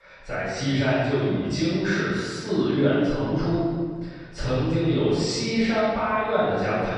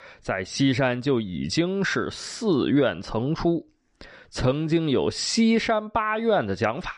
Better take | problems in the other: second | off-mic speech; far // room echo; strong; dies away in 1.7 s

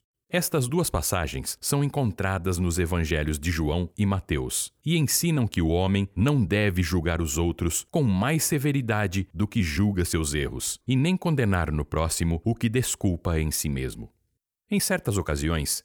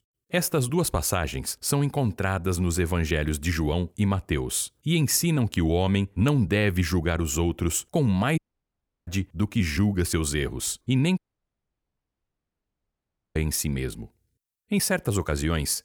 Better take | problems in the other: first | audio cutting out; at 8.5 s for 0.5 s and at 11 s for 2 s

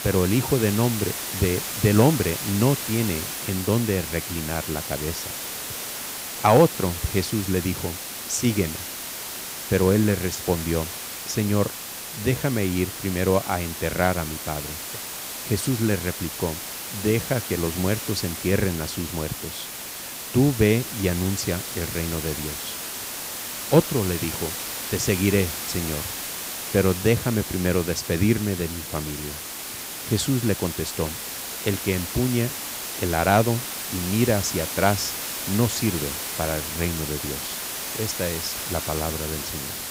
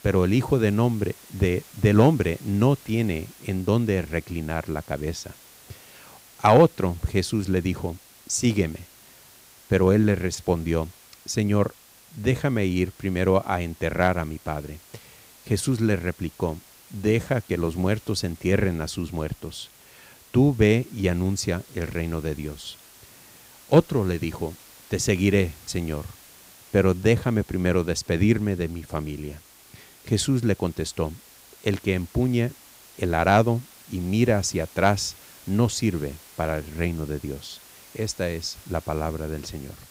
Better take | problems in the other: second | hiss; loud; throughout; 5 dB below the speech; faint in the second

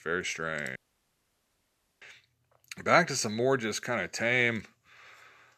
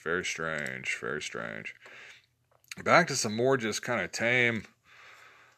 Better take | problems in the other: second | audio cutting out; at 1 s for 1 s

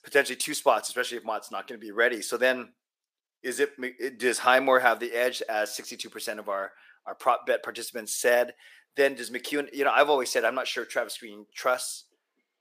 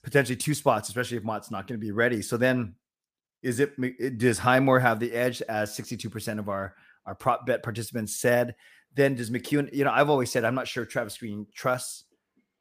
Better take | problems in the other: second | thin; somewhat; fading below 400 Hz

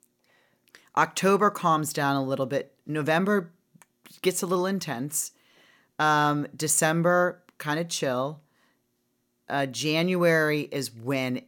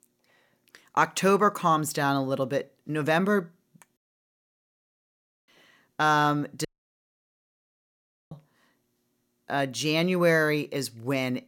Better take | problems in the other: first | audio cutting out; at 4 s for 1.5 s and at 6.5 s for 1.5 s

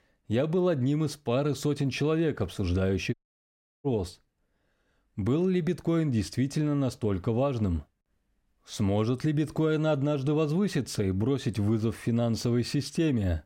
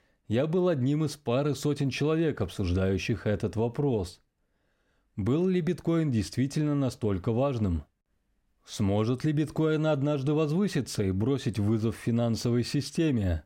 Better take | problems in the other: second | audio cutting out; at 3 s for 0.5 s

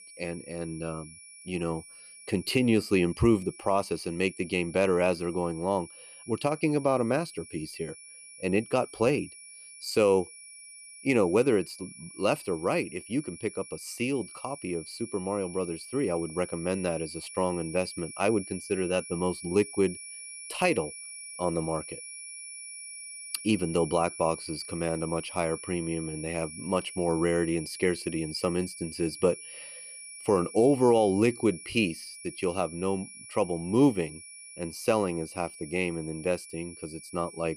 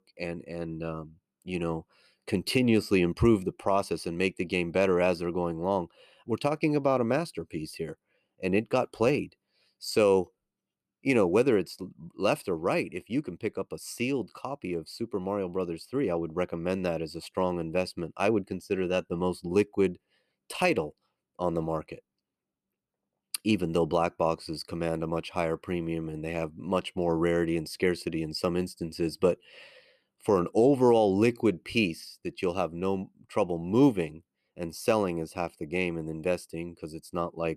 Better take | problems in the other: second | high-pitched whine; noticeable; throughout; 10 kHz, 15 dB below the speech

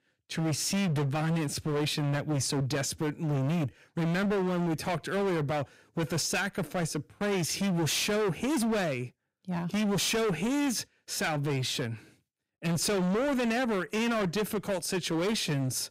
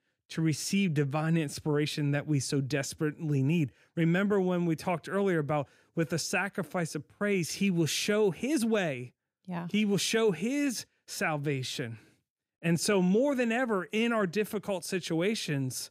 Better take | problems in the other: second | distortion; heavy; 28% of the sound clipped

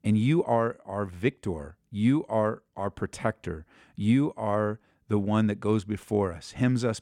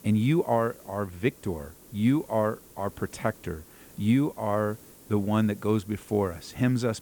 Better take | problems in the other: first | hiss; faint; throughout; 20 dB below the speech

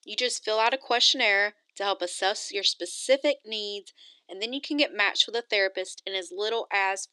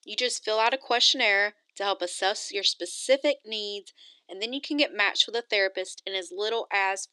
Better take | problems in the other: neither | thin; somewhat; fading below 300 Hz; the same in both

